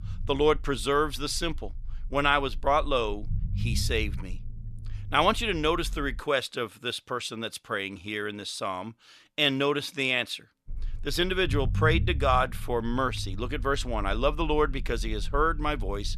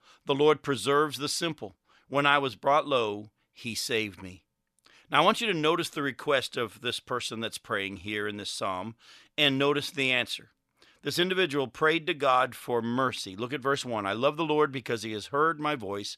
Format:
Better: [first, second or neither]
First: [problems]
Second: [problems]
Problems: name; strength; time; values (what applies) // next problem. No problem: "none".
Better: second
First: low rumble; faint; until 6 s and from 11 s on; 25 dB below the speech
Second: none